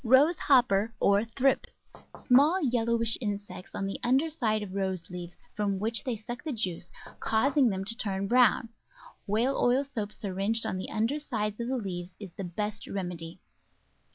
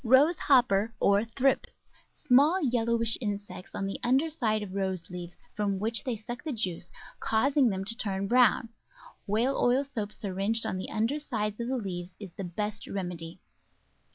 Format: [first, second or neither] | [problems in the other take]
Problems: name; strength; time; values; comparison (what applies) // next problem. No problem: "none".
second | background sound (Knock / Wood); 16 dB below the speech